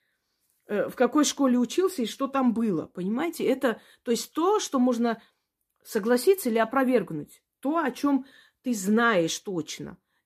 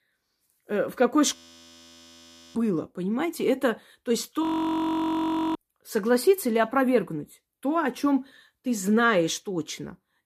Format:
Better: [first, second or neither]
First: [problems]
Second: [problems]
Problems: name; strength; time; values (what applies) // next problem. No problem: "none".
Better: first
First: none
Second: audio freezing; at 1.5 s for 1 s and at 4.5 s for 1 s